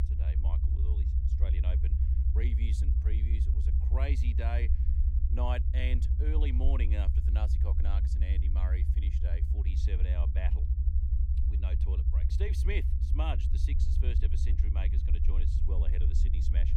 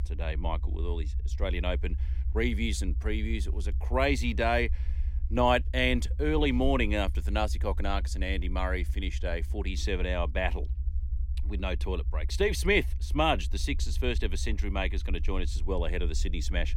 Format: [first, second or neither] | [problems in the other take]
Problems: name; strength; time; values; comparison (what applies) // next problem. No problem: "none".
second | low rumble; loud; throughout; 3 dB below the speech; faint in the second